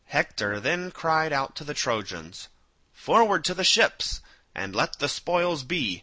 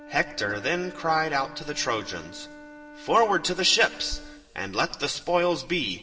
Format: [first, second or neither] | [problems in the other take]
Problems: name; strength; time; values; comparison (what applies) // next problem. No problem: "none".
first | background sound (Wind instrument, woodwind instrument); 19 dB below the speech // room echo; dies away in 1.4 s